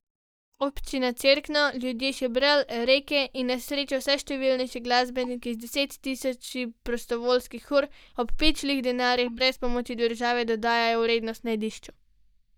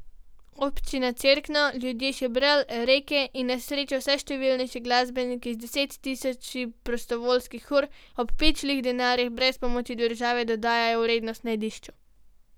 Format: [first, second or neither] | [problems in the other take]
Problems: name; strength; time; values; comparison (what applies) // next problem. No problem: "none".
second | noise reduction (neural mask model DeepFilterNet 3)